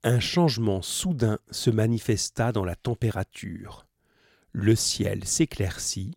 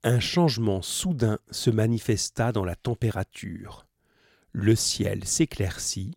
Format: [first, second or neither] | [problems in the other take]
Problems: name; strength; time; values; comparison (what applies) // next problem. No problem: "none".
neither | none